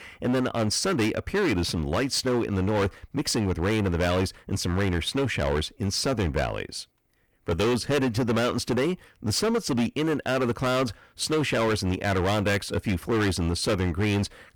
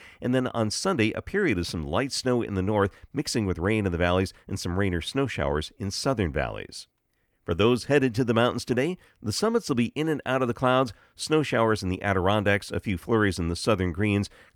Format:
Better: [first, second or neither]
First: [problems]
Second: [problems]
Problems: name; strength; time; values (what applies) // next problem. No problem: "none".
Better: second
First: distortion; heavy; 17% of the sound clipped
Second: none